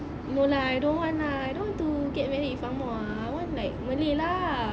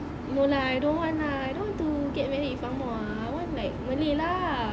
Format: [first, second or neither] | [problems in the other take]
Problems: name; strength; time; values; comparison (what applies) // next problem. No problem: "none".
first | background sound (Engine); 17 dB below the speech